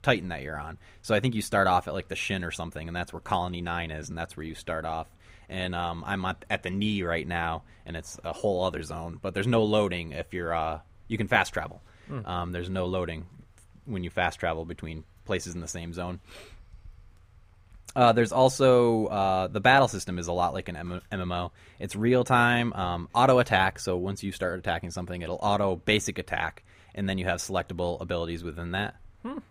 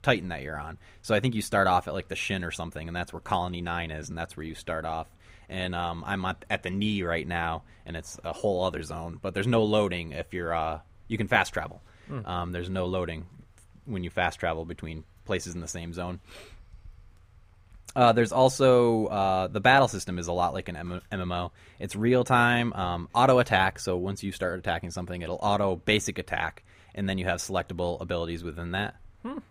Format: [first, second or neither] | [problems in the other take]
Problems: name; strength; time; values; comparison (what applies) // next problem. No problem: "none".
neither | none